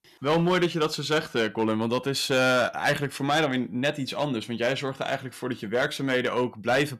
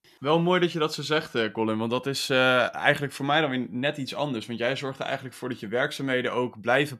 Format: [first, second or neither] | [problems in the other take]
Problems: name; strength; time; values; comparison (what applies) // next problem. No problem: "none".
second | distortion; slight; 5% of the sound clipped